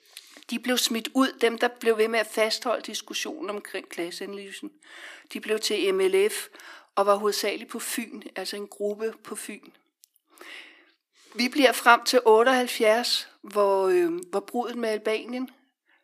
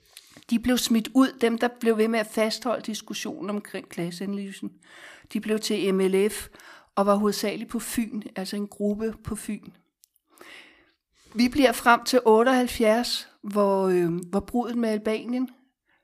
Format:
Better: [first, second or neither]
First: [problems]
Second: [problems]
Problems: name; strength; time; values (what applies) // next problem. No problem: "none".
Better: second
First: thin; very slightly; fading below 300 Hz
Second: none